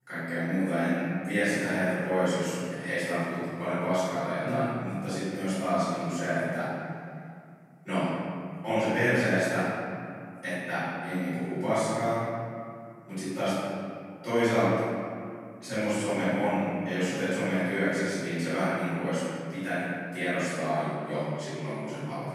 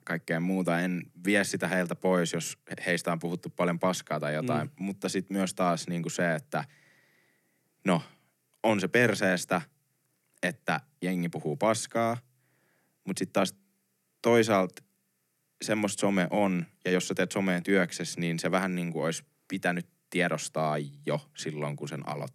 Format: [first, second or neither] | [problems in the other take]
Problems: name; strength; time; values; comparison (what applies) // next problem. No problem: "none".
second | off-mic speech; far // room echo; strong; dies away in 2.2 s